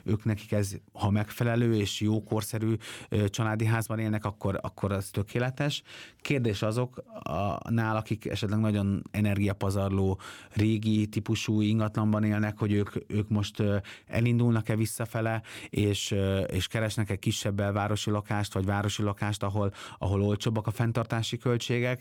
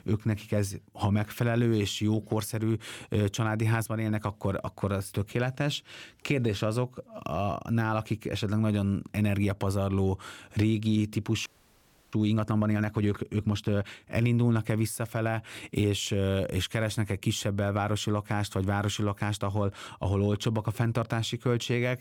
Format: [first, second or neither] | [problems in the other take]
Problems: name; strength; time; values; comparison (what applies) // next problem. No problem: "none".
first | audio freezing; at 11 s for 0.5 s